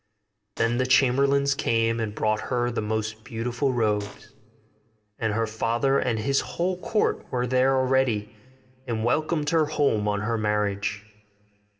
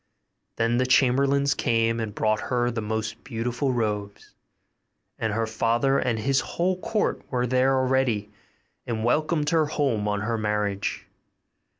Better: second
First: background sound (Fart); 17 dB below the speech // room echo; dies away in 0.7 s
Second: none

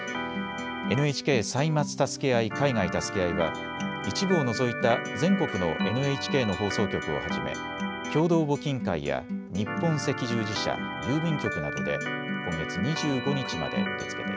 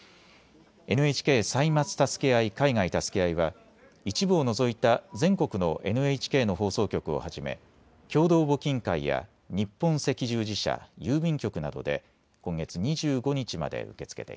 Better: second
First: background sound (Acoustic guitar + Organ); 4 dB below the speech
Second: none

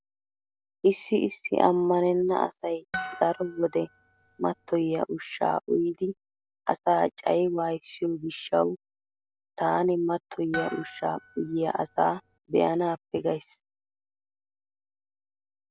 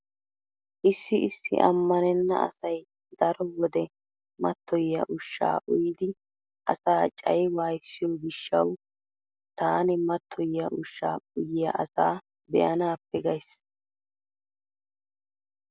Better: second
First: background sound (Harp); 12 dB below the speech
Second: none

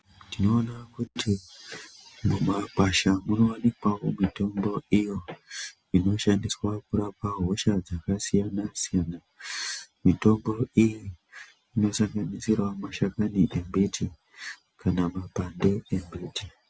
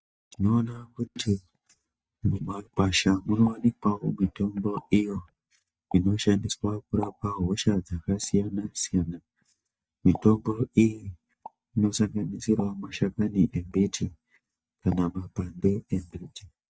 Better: first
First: none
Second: noise reduction (neural mask model DeepFilterNet 3)

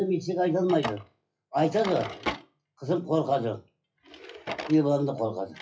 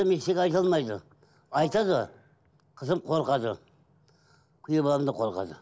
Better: second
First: noise reduction (classical method WPE with log-MMSE)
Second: none

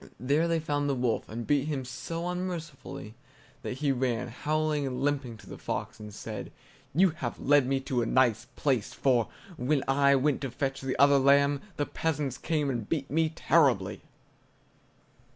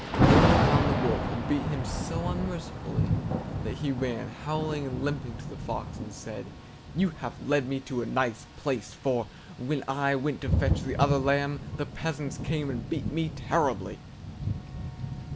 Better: first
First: none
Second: background sound (Thunder / Rain); 1 dB above the speech

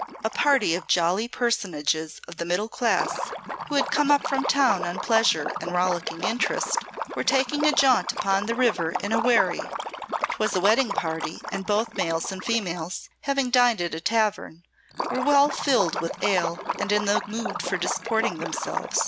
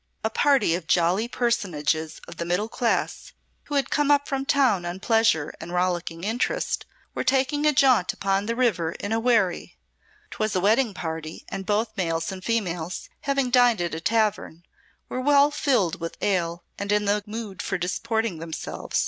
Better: second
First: background sound (Liquid); 7 dB below the speech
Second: none

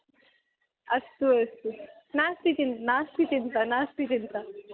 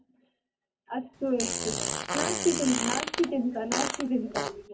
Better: first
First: none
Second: background sound (Fart); 1 dB below the speech // room echo; dies away in 0.3 s

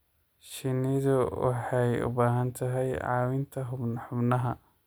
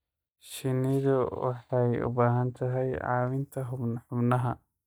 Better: first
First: none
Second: noise reduction (neural mask model DeepFilterNet 3)

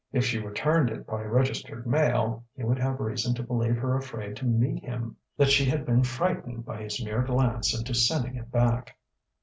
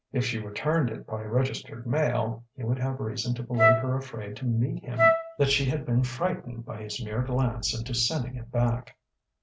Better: first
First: none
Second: background sound (Wind instrument, woodwind instrument); 2 dB above the speech

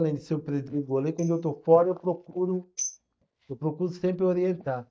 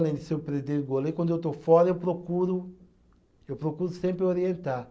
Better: second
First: noise reduction (neural mask model DeepFilterNet 3)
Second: none

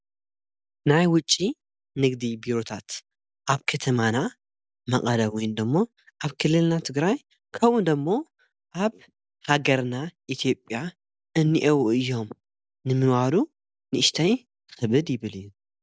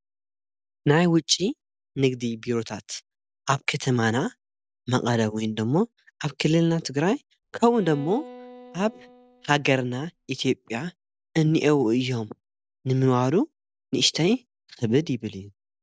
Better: first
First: none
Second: noise reduction (neural separator model SepFormer DNS4)

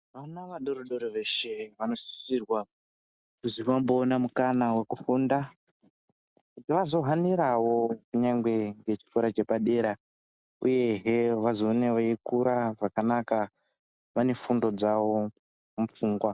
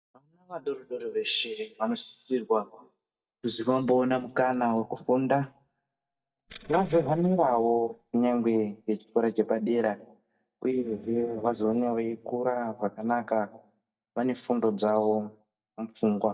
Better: first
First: none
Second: noise reduction (neural mask model DeepFilterNet 3)

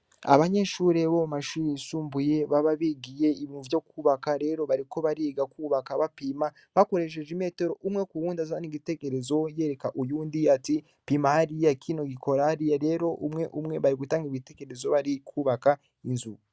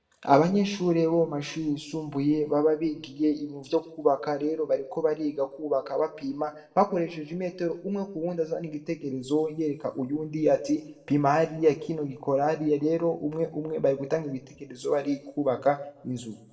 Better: first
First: none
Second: room echo; dies away in 0.6 s

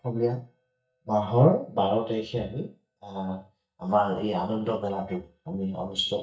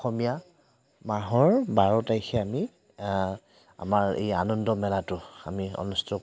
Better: second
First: noise reduction (neural mask model DeepFilterNet 3)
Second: none

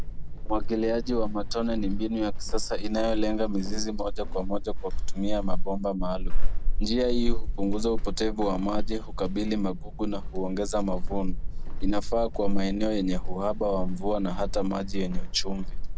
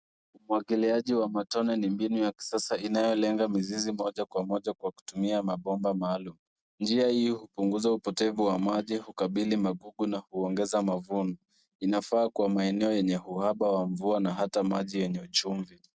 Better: second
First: background sound (Squeak / Walk, footsteps); 5 dB above the speech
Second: none

